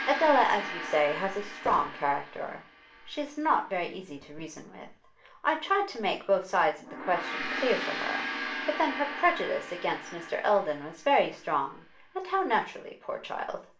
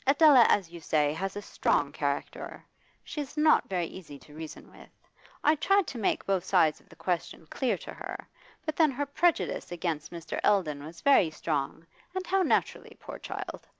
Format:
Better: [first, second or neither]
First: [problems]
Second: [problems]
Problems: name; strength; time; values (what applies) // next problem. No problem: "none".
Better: second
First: background sound (Gong); 10 dB below the speech // room echo; dies away in 0.3 s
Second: none